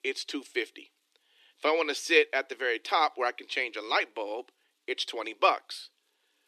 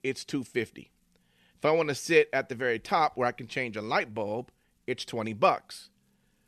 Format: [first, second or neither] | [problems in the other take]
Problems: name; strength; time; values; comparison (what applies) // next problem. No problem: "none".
second | thin; somewhat; fading below 300 Hz